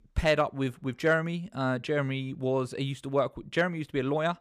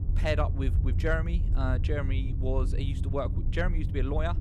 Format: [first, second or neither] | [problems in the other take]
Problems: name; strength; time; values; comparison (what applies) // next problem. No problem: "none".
first | low rumble; noticeable; throughout; 10 dB below the speech